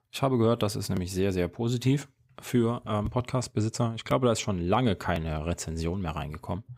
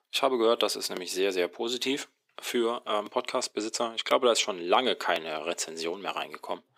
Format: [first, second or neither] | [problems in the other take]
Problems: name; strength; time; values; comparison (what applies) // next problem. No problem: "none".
first | thin; somewhat; fading below 350 Hz